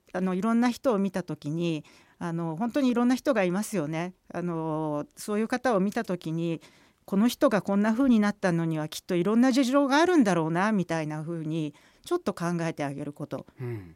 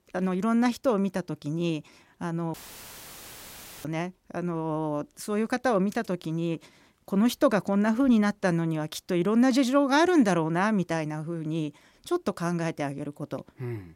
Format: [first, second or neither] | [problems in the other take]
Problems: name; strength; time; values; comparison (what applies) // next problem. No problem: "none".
first | audio cutting out; filled with static; at 2.5 s for 1.5 s